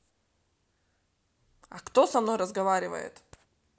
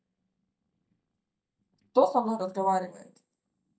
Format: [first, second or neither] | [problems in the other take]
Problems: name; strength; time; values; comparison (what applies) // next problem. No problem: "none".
first | noise reduction (neural mask model DeepFilterNet 3)